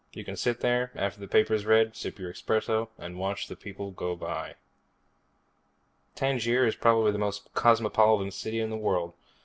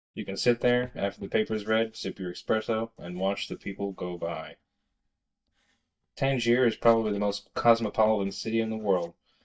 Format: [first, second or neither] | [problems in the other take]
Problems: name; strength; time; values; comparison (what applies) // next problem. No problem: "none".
first | noise reduction (neural mask model DeepFilterNet 3)